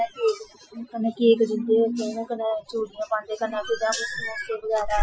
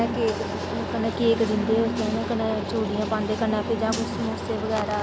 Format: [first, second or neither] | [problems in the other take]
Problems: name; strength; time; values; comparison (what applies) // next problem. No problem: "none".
second | noise reduction (classical method Wiener filter)